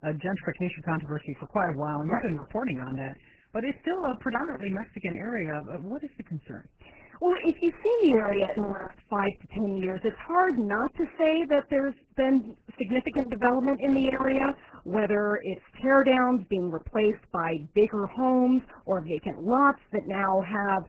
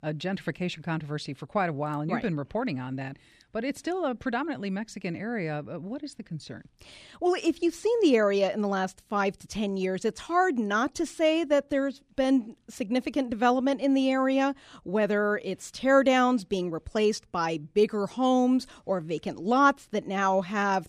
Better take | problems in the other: second | garbled, watery; badly

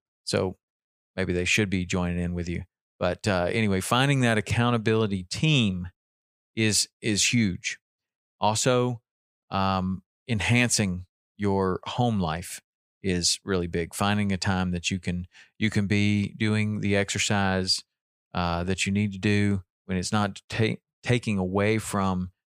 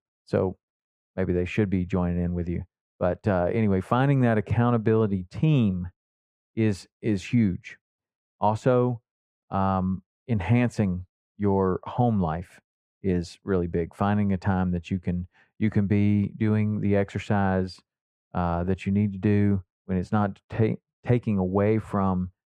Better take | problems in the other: first | muffled; very; fading above 2.5 kHz

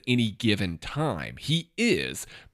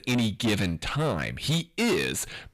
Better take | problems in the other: first | distortion; heavy; 7 dB below the speech

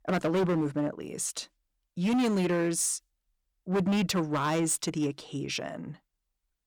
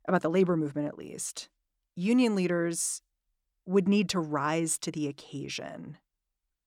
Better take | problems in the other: second | distortion; heavy; 11% of the sound clipped

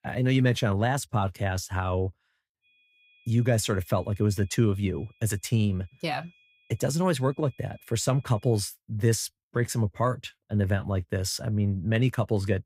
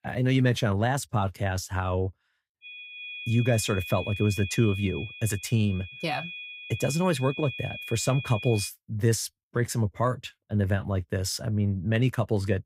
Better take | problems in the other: first | high-pitched whine; loud; from 2.5 to 8.5 s; 2.5 kHz, 10 dB below the speech; faint in the first

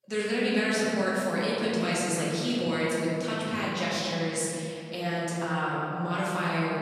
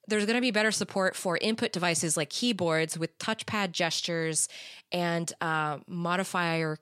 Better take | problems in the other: second | room echo; strong; dies away in 2.8 s // off-mic speech; far

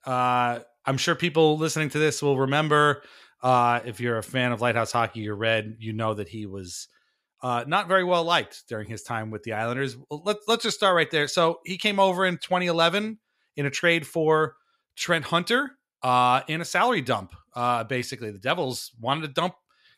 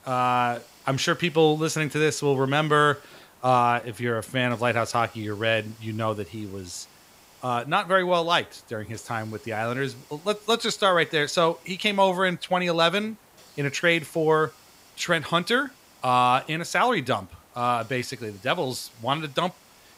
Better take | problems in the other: first | hiss; faint; throughout; 25 dB below the speech

